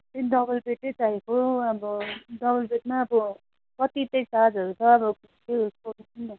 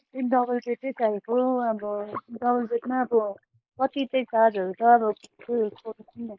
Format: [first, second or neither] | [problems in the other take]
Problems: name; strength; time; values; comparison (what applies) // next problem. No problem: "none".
first | noise reduction (neural mask model Resemble Enhance denoiser)